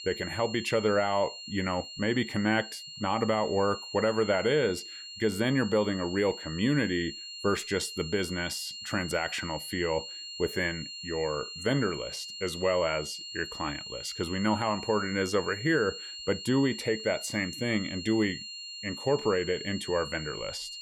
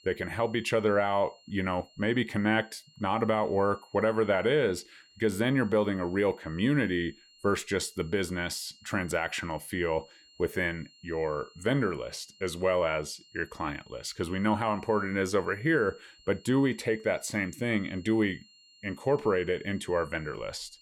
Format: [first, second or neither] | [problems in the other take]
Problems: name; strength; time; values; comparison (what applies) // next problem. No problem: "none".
second | high-pitched whine; loud; throughout; 4.5 kHz, 9 dB below the speech; faint in the second